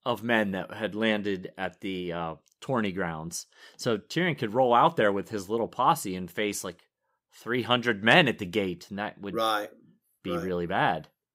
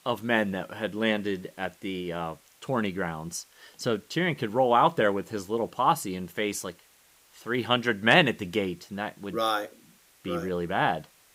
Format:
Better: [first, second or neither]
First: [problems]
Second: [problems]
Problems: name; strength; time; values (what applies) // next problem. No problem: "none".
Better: first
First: none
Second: hiss; faint; throughout; 30 dB below the speech